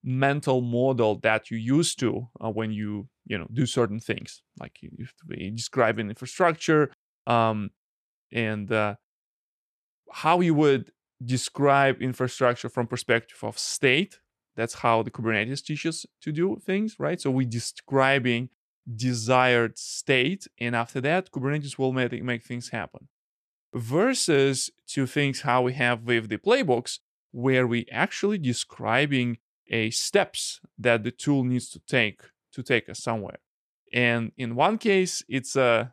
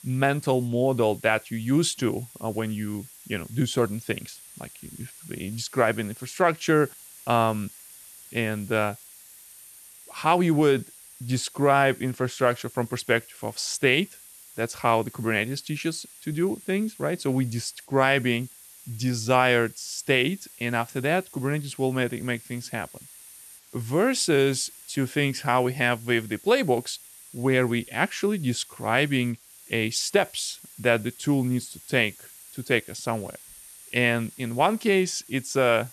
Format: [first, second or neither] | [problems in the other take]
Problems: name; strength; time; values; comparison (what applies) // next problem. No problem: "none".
first | hiss; noticeable; throughout; 20 dB below the speech